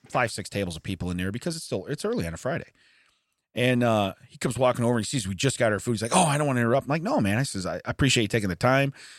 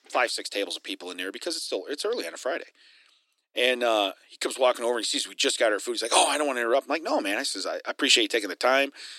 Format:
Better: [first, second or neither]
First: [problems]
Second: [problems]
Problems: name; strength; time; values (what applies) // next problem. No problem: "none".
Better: first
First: none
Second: thin; somewhat; fading below 300 Hz